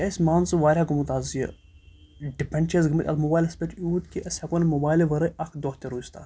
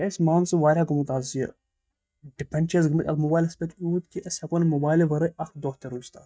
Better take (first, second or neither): first